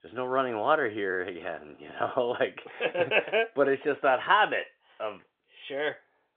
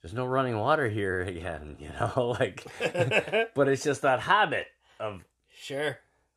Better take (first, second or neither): second